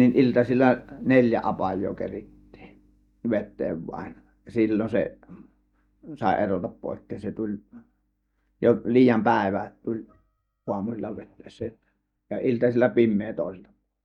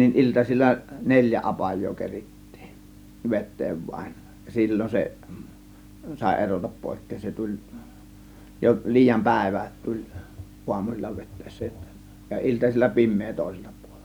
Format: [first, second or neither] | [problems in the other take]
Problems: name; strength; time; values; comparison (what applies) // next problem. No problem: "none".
second | noise reduction (neural mask model DeepFilterNet 3)